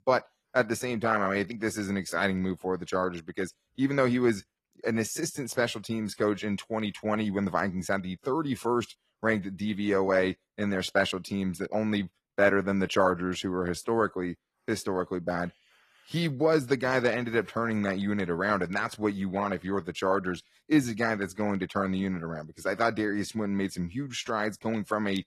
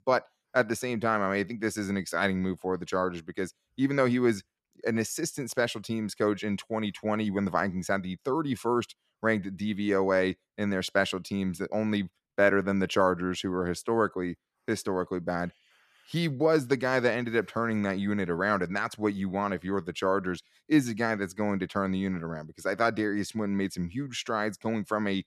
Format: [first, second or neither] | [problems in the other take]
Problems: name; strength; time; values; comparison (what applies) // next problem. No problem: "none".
second | garbled, watery; slightly; nothing above 13.5 kHz